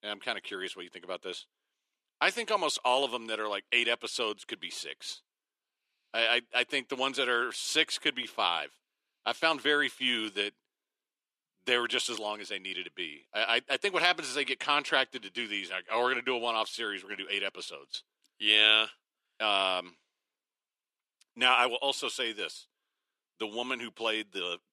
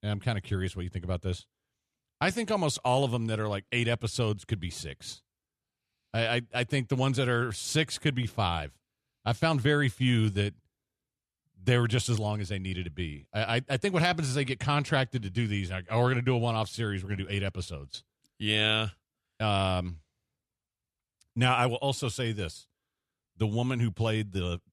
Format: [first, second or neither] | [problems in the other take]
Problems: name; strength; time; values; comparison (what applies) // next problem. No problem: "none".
second | thin; very; fading below 300 Hz